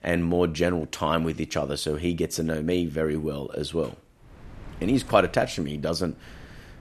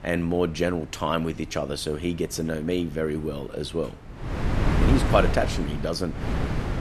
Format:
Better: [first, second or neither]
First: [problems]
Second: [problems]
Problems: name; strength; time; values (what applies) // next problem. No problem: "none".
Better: first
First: wind noise on the microphone; occasional gusts; 25 dB below the speech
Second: wind noise on the microphone; heavy; 4 dB below the speech